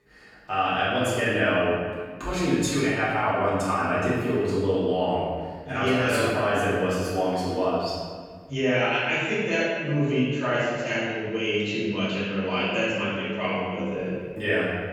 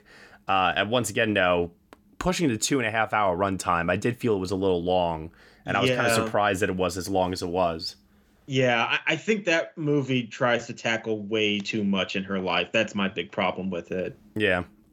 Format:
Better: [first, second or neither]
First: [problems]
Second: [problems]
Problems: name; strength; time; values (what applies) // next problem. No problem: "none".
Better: second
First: off-mic speech; far // room echo; strong; dies away in 1.6 s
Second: none